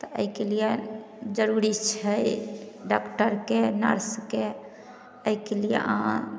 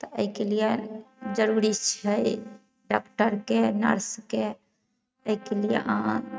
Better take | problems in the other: first | noise reduction (neural mask model RNNoise)

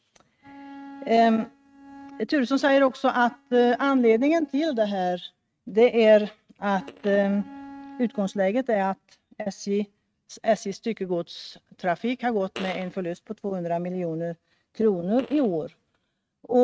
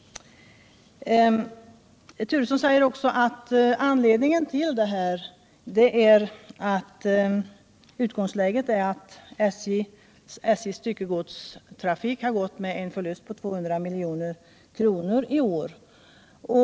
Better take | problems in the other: second | noise reduction (neural mask model RNNoise)

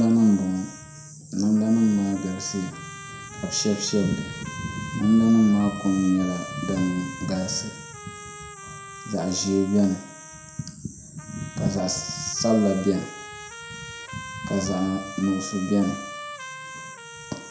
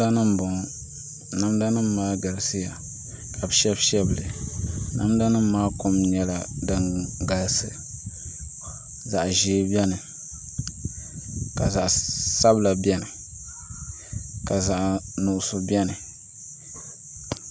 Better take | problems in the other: second | background sound (Trumpet); 15 dB below the speech // room echo; dies away in 0.6 s

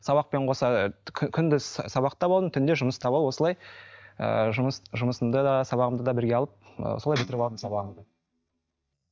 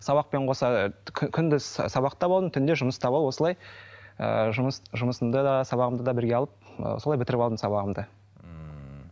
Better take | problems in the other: second | noise reduction (neural mask model DeepFilterNet 3)

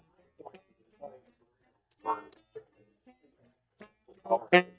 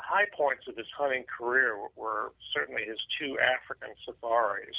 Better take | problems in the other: second | noise reduction (neural mask model DeepFilterNet 3)

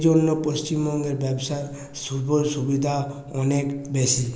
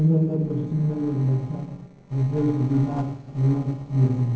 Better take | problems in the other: first | noise reduction (neural separator model SepFormer DNS4)

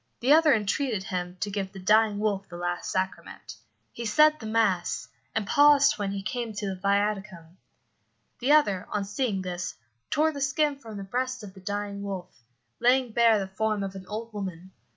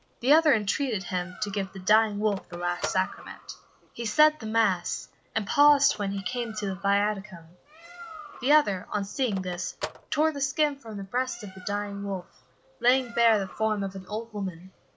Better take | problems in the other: first | background sound (Telephone + Bird); 17 dB below the speech

